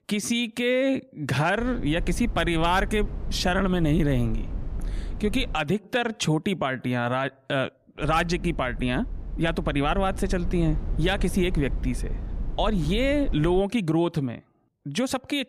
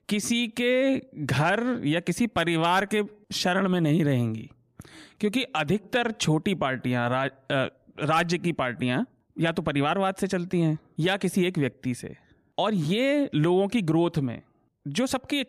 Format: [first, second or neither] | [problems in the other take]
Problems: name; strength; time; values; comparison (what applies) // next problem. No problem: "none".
second | low rumble; faint; from 1.5 to 5.5 s and from 8 to 14 s; 20 dB below the speech